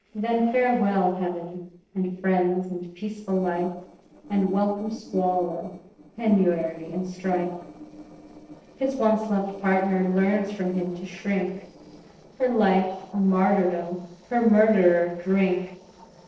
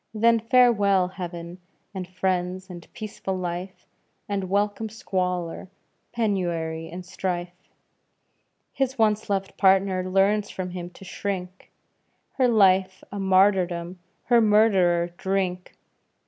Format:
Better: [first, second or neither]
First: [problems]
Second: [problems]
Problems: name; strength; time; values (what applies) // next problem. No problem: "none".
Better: second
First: noise reduction (neural separator model SepFormer DNS4)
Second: none